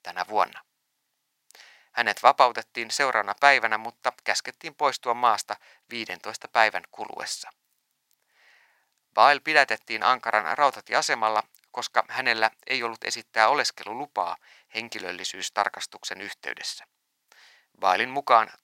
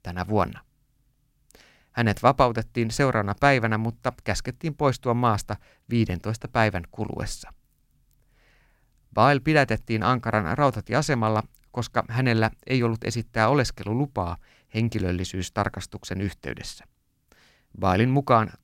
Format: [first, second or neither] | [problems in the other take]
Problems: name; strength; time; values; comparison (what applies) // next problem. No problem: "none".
second | thin; very; fading below 650 Hz